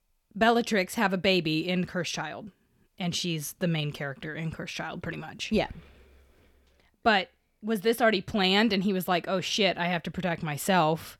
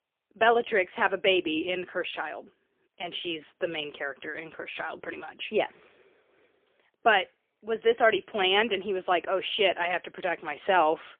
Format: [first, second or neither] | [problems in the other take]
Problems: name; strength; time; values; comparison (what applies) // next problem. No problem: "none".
first | phone-call audio; poor line; nothing above 3.5 kHz